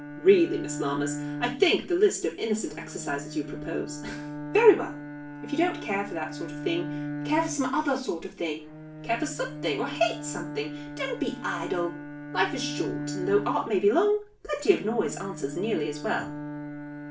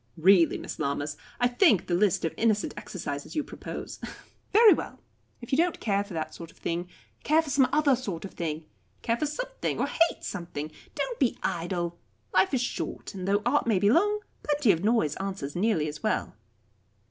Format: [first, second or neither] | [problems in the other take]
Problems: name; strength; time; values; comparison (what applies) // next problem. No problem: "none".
second | background sound (Bowed string instrument); 9 dB below the speech // room echo; dies away in 0.3 s